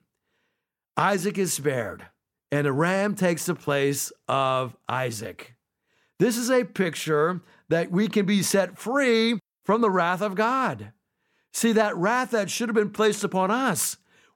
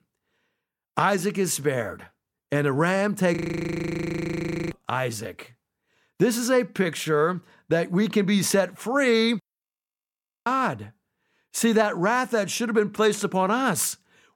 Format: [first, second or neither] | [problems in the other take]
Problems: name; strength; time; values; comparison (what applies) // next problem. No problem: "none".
first | audio freezing; at 3.5 s for 1.5 s and at 9.5 s for 1 s